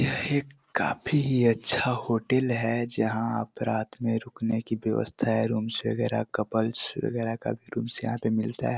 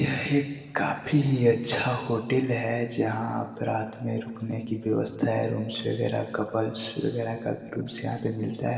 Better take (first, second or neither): first